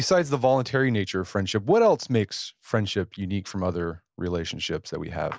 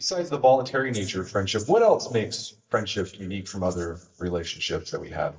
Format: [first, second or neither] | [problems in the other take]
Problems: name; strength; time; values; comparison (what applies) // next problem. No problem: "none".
first | noise reduction (neural mask model DeepFilterNet 3)